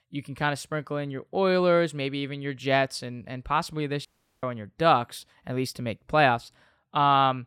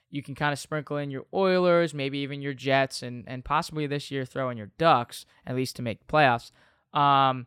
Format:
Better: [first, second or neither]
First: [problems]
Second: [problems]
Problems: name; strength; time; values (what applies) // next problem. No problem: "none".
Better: second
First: audio cutting out; at 4 s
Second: none